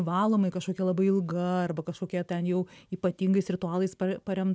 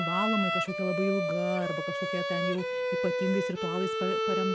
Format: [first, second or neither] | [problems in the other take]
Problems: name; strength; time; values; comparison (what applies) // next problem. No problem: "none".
first | background sound (Bowed string instrument); 1 dB above the speech